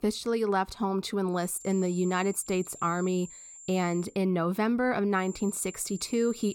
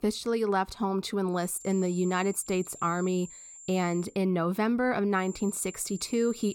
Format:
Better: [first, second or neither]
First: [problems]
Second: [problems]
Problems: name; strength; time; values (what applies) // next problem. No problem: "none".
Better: neither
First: high-pitched whine; noticeable; from 1.5 to 4 s and from 5 s on; 7.5 kHz, 15 dB below the speech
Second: high-pitched whine; noticeable; from 1.5 to 4 s and from 5 s on; 7.5 kHz, 15 dB below the speech